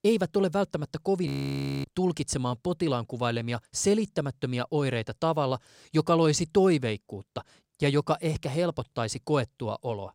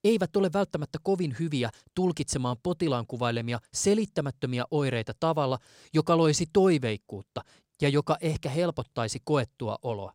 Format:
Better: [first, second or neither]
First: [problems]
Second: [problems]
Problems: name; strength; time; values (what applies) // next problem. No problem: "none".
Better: second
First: audio freezing; at 1.5 s for 0.5 s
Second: none